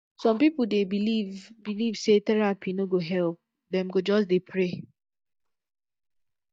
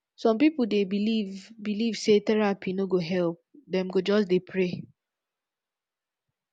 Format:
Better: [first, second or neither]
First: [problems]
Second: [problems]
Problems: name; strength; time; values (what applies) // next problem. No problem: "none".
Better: second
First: noise reduction (neural mask model DeepFilterNet 3)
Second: none